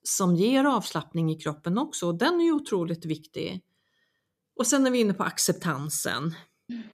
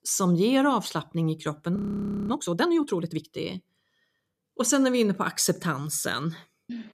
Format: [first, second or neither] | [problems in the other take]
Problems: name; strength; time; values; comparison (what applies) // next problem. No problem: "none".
first | audio freezing; at 2 s for 0.5 s